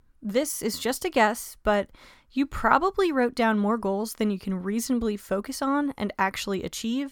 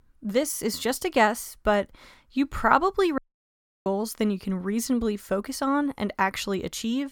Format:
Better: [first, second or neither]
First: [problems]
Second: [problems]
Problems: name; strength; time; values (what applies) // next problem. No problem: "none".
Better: first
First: none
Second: audio cutting out; at 3 s for 0.5 s